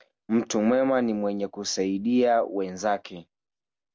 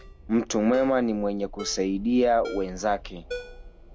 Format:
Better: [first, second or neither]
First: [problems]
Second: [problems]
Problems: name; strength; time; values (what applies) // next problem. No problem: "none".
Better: first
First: none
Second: background sound (Ringtone + Wind); 15 dB below the speech